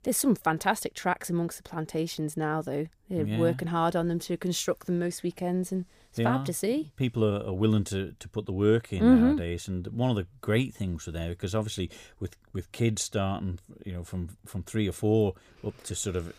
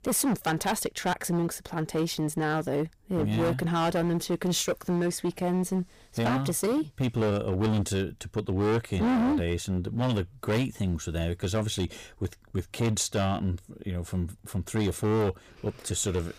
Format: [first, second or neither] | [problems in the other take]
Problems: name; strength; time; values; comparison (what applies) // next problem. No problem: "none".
first | distortion; heavy; 14% of the sound clipped